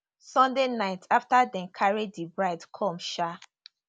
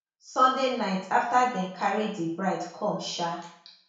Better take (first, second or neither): first